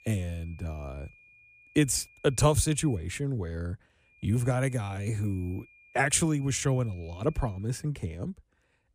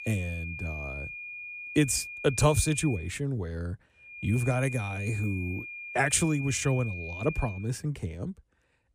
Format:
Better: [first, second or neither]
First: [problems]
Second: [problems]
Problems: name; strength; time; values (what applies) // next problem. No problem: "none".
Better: first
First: high-pitched whine; faint; until 3 s and from 4 to 7.5 s; 2.5 kHz, 25 dB below the speech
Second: high-pitched whine; loud; until 3 s and from 4 to 7.5 s; 2.5 kHz, 9 dB below the speech